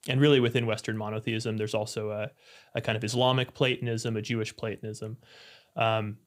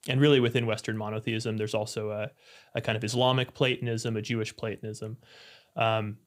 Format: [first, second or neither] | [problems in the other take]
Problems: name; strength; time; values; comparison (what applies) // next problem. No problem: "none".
neither | none